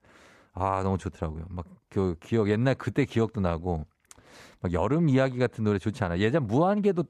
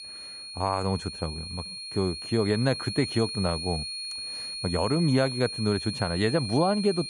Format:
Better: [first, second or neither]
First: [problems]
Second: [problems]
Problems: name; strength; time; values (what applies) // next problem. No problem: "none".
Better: first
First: none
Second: high-pitched whine; loud; throughout; 4.5 kHz, 6 dB below the speech